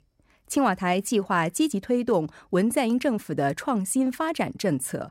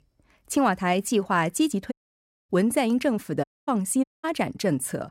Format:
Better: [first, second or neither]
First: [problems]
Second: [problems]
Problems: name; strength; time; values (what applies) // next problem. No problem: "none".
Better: first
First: none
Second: audio cutting out; at 2 s for 0.5 s, at 3.5 s and at 4 s